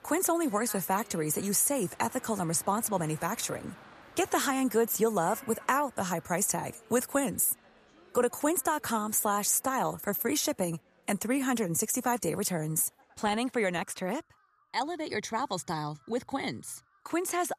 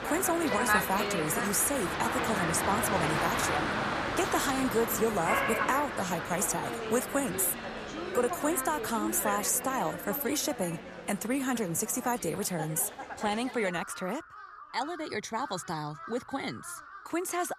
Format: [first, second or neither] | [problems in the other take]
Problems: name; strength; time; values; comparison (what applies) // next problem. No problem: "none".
first | animal sounds; loud; throughout; 2 dB below the speech; faint in the first